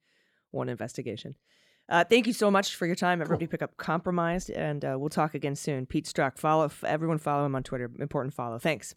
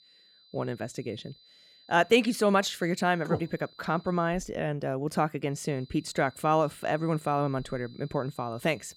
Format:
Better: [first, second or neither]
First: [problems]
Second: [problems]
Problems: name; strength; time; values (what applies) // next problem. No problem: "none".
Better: first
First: none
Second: high-pitched whine; faint; until 4.5 s and from 5.5 s on; 4 kHz, 25 dB below the speech